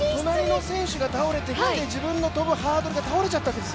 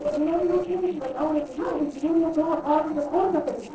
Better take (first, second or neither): first